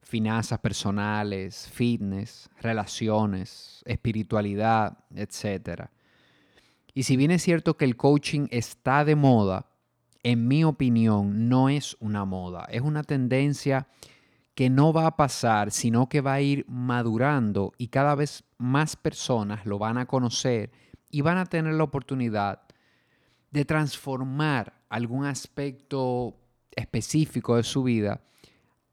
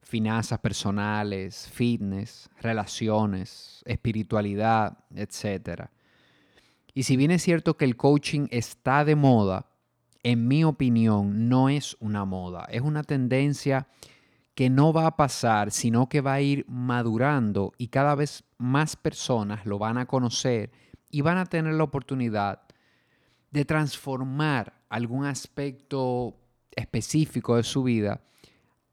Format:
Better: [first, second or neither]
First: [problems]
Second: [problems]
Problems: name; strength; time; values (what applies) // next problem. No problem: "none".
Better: neither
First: none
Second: none